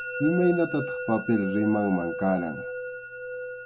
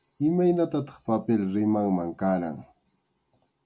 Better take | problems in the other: second | background sound (Musical instrument); 8 dB below the speech

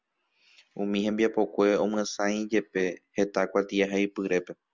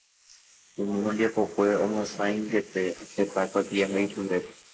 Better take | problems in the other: first | noise reduction (neural mask model Resemble Enhance denoiser)

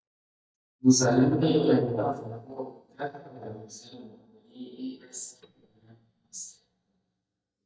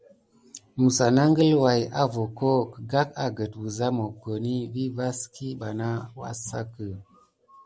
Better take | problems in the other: second | noise reduction (neural mask model DeepFilterNet 3)

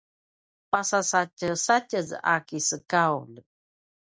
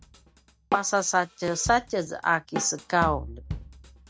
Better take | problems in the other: first | background sound (Drum kit); 10 dB below the speech

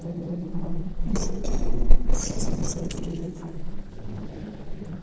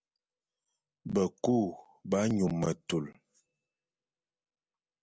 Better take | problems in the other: second | noise reduction (neural separator model SepFormer DNS4)

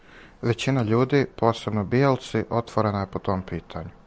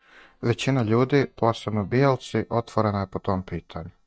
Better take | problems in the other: first | noise reduction (neural mask model DeepFilterNet 3)

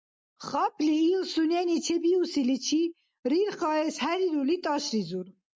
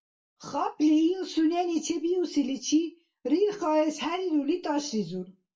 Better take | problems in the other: first | room echo; dies away in 0.2 s

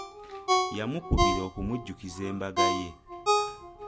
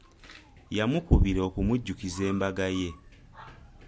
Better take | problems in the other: second | background sound (Ringtone); 4 dB above the speech

